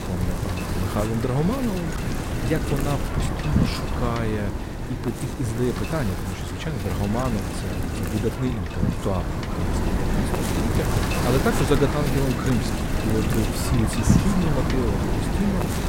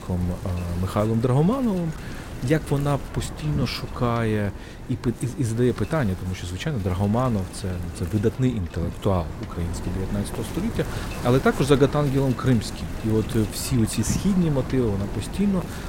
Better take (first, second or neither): second